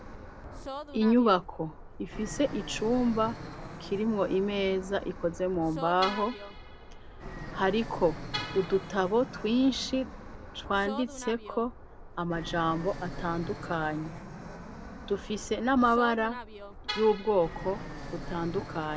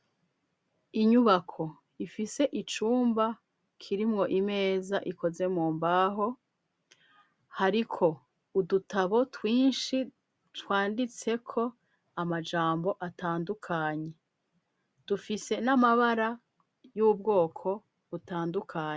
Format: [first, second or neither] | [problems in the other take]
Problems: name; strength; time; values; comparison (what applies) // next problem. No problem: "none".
second | background sound (Vehicle horn, car horn, honking + Fixed-wing aircraft, airplane); 10 dB below the speech